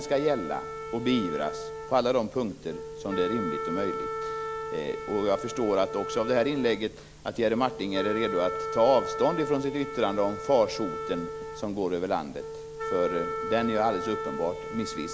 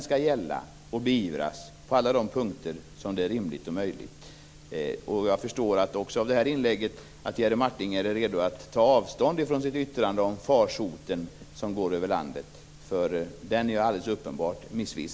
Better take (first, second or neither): second